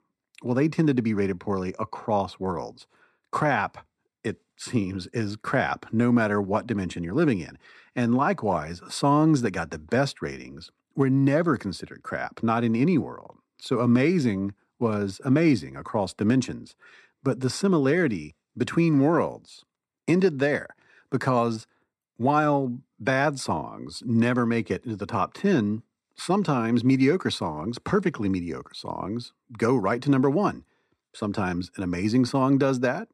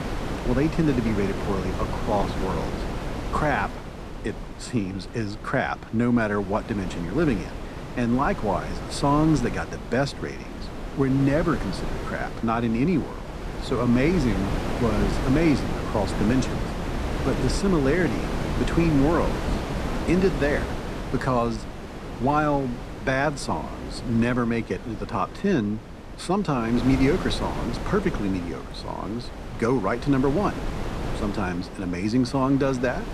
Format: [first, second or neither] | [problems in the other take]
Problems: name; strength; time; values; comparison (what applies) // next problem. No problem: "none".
first | wind noise on the microphone; heavy; 7 dB below the speech